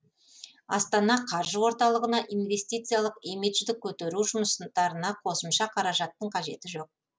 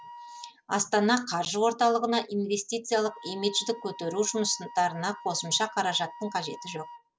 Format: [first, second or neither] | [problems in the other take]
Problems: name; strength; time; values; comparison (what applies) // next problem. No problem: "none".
first | background sound (Wind instrument, woodwind instrument); 18 dB below the speech